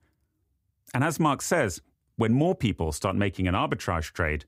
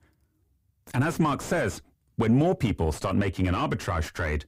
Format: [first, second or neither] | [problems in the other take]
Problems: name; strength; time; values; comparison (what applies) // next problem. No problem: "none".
first | distortion; heavy; 7 dB below the speech